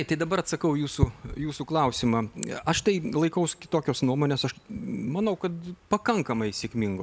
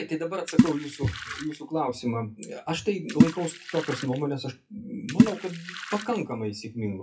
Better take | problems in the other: first | noise reduction (classical method WPE with log-MMSE)

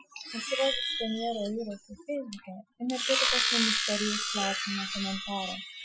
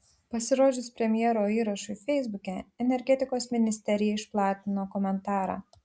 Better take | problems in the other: second | noise reduction (classical method Wiener filter)

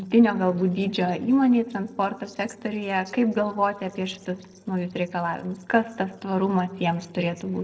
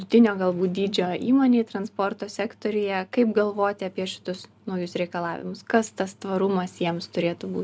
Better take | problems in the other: second | noise reduction (neural separator model SepFormer DNS4)

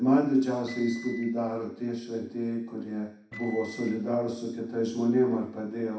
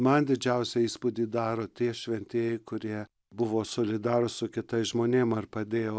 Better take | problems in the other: second | background sound (Microwave oven); 16 dB below the speech // room echo; dies away in 0.6 s

